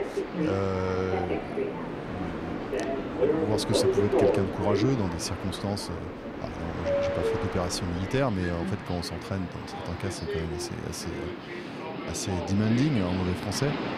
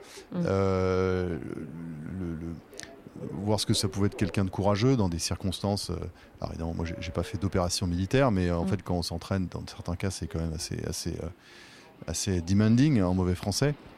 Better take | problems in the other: second | train or aircraft noise; loud; throughout; as loud as the speech; faint in the second

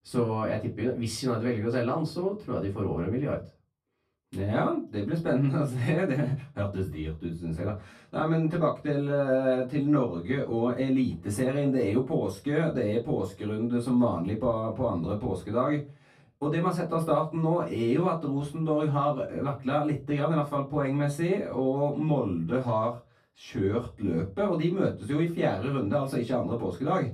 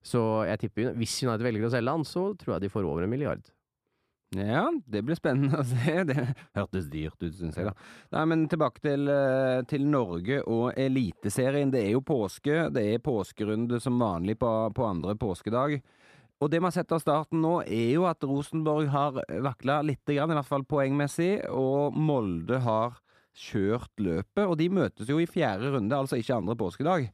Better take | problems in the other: second | off-mic speech; far // room echo; very slight; dies away in 0.2 s

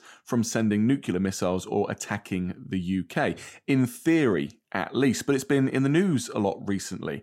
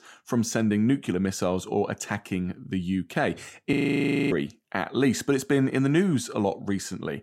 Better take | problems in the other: first | audio freezing; at 3.5 s for 0.5 s

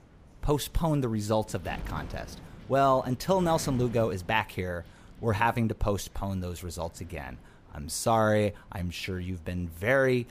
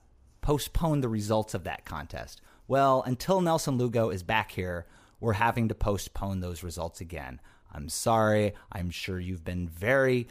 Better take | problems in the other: second | wind noise on the microphone; occasional gusts; 25 dB below the speech

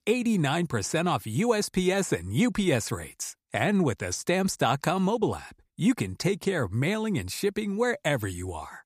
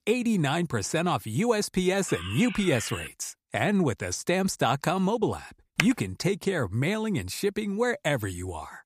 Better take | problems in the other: first | alarm; noticeable; from 2 to 3 s; peak 9 dB below the speech // keyboard typing; very faint; at 6 s; peak 2 dB below the speech

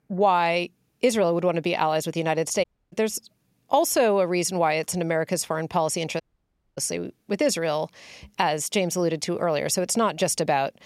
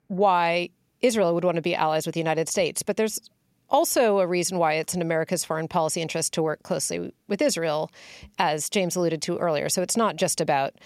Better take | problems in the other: second | audio cutting out; at 2.5 s and at 6 s for 0.5 s

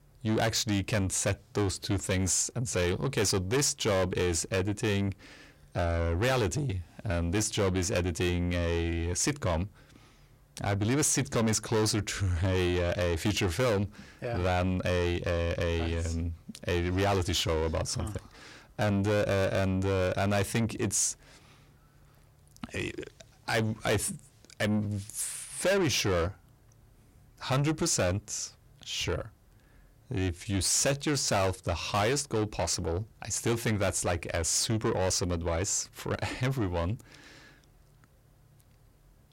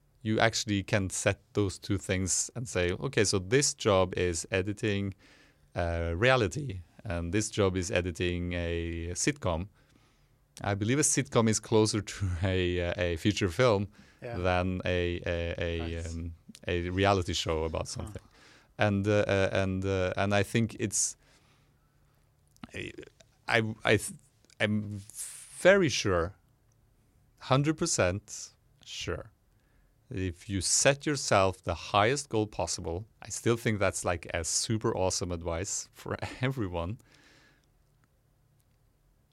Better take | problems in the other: second | distortion; heavy; 6 dB below the speech

